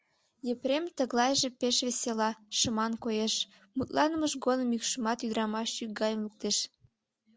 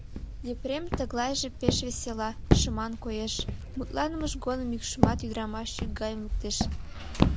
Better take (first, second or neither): first